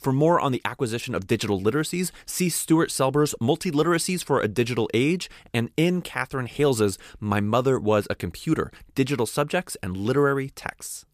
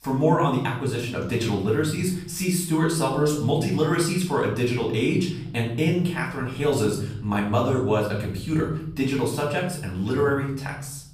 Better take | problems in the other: first | off-mic speech; far // room echo; noticeable; dies away in 1.1 s

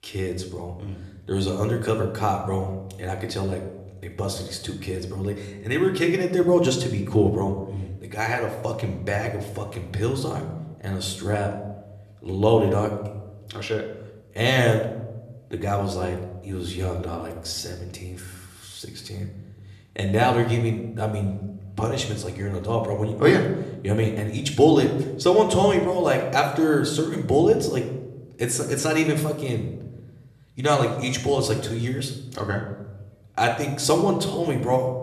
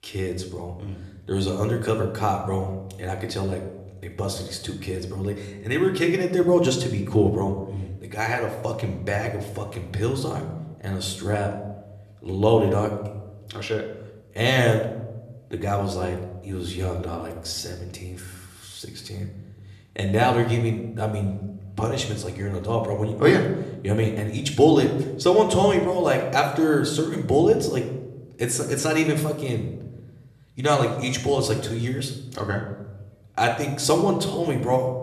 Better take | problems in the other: neither | room echo; slight; dies away in 0.8 s; the same in both // off-mic speech; somewhat distant; the same in both

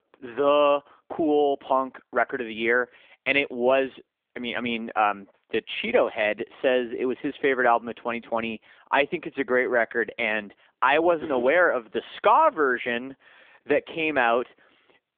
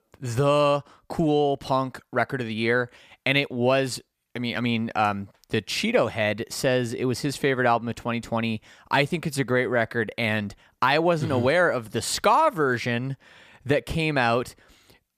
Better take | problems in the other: second | phone-call audio; nothing above 3.5 kHz

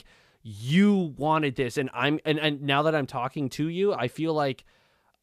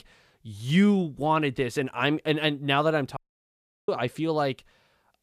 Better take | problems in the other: first | audio cutting out; at 3 s for 0.5 s

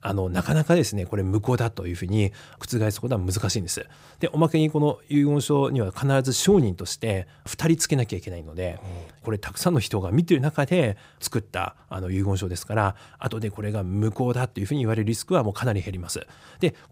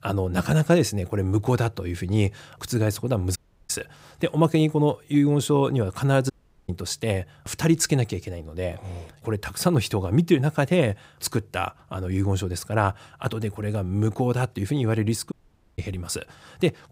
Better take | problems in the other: first | audio cutting out; at 3.5 s, at 6.5 s and at 15 s

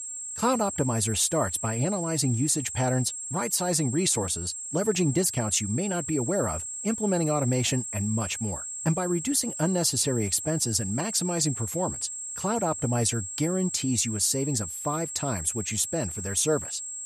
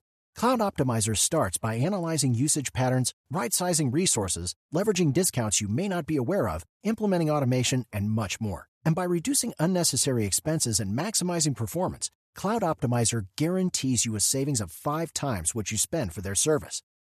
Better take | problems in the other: second | high-pitched whine; loud; throughout; 7.5 kHz, 6 dB below the speech

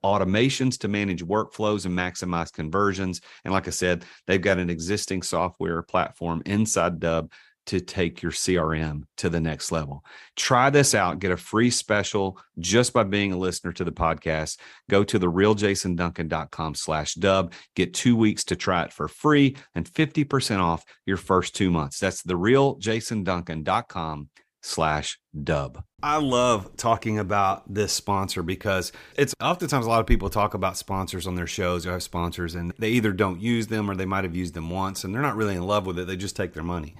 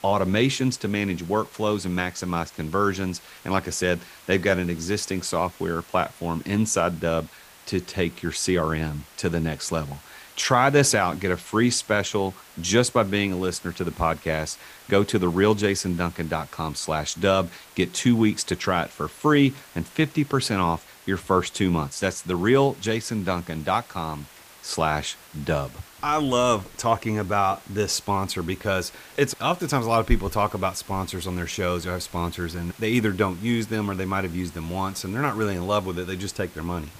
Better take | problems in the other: first | hiss; faint; throughout; 20 dB below the speech

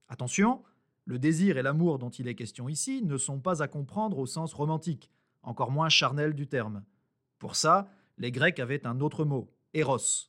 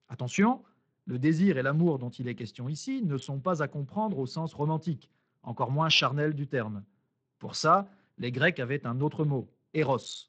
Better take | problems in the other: first | garbled, watery; slightly; nothing above 7.5 kHz

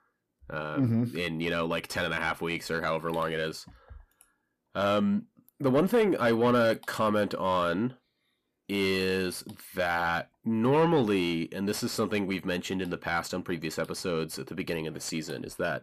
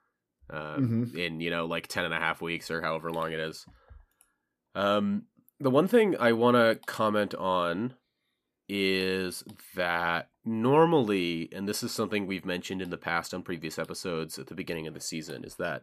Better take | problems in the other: second | distortion; slight; 10 dB below the speech

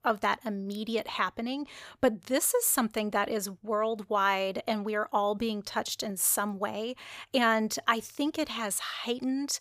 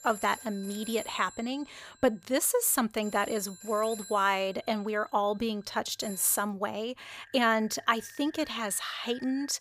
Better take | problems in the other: first | alarms or sirens; noticeable; throughout; 15 dB below the speech

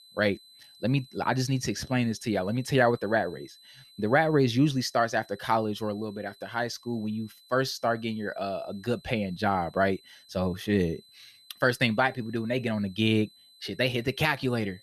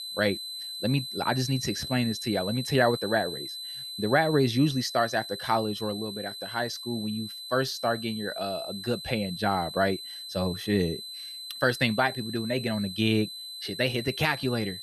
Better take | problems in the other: first | high-pitched whine; loud; throughout; 4 kHz, 8 dB below the speech; faint in the first

